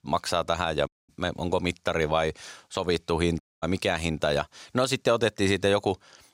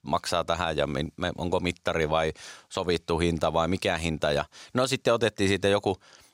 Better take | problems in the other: second | audio cutting out; at 1 s and at 3.5 s

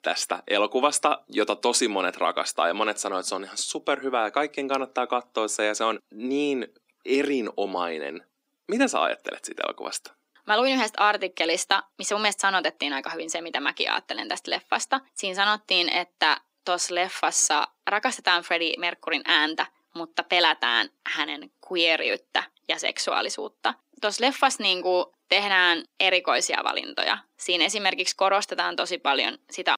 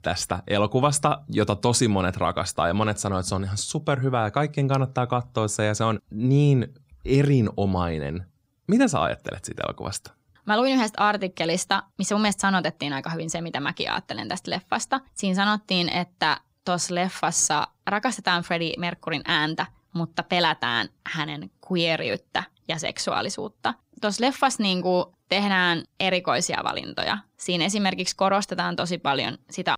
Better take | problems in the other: second | thin; somewhat; fading below 250 Hz

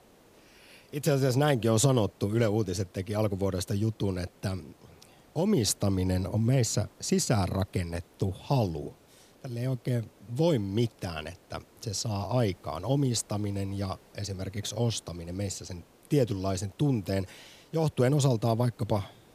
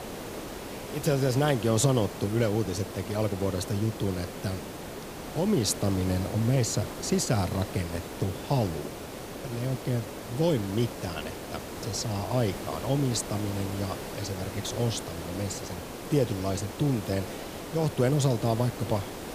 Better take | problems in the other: first | hiss; loud; throughout; 9 dB below the speech; faint in the first

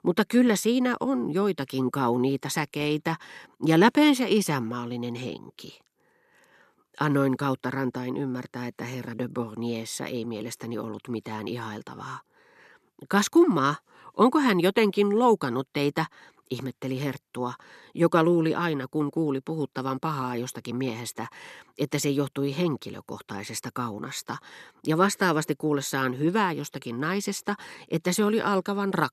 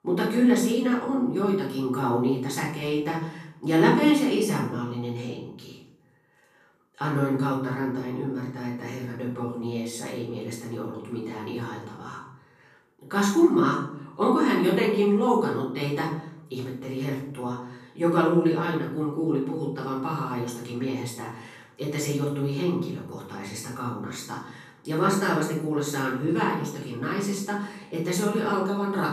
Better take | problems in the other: first | room echo; noticeable; dies away in 0.6 s // off-mic speech; far

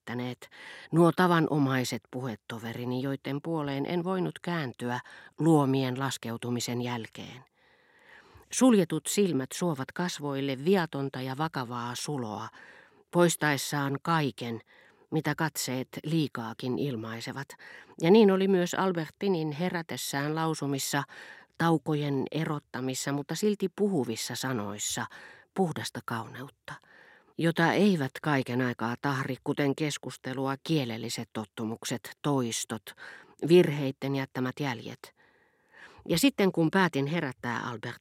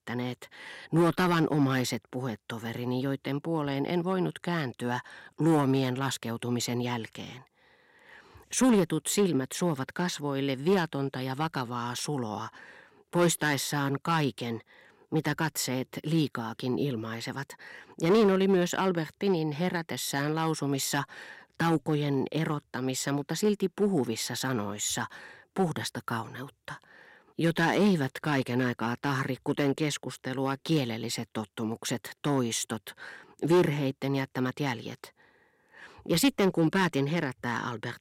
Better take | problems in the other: first | distortion; slight; 2% of the sound clipped

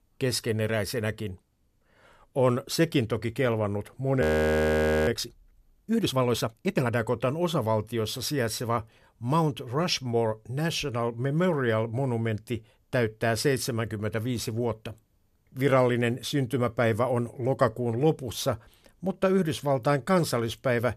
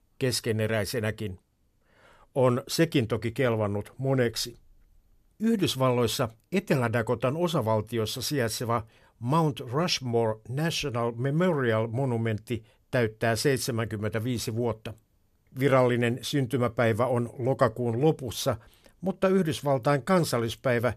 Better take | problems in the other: second | audio freezing; at 4 s for 1 s

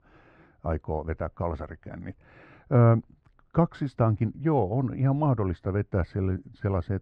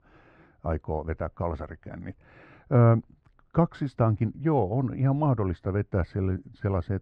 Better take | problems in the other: neither | muffled; very; fading above 1.5 kHz; the same in both

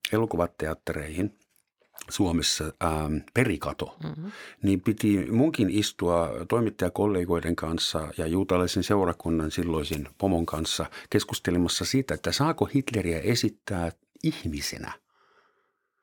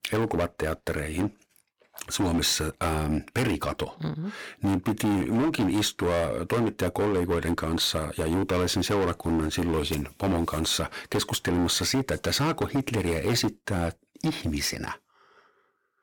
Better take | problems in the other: first | distortion; heavy; 14% of the sound clipped

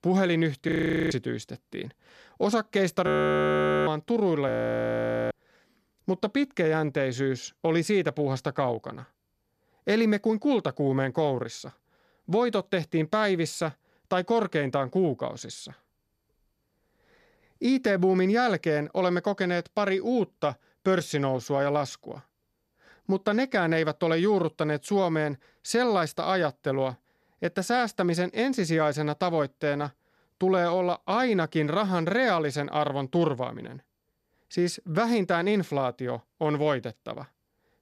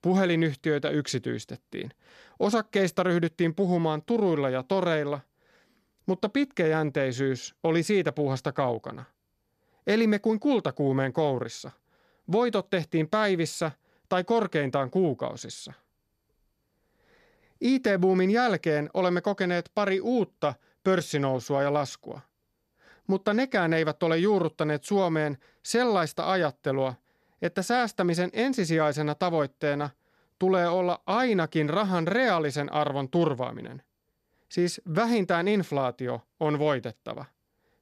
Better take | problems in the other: second | audio freezing; at 0.5 s, at 3 s for 1 s and at 4.5 s for 1 s

